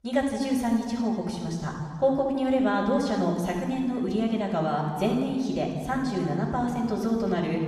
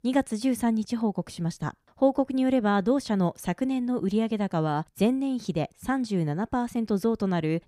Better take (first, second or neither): second